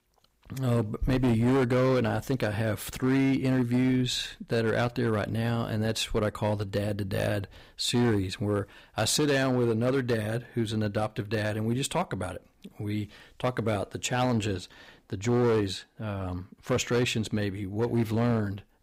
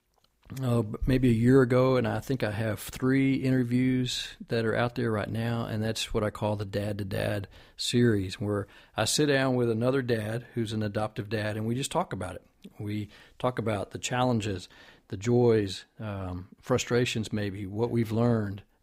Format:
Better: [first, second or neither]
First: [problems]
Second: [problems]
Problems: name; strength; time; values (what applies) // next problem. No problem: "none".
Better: second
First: distortion; slight; 8% of the sound clipped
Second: none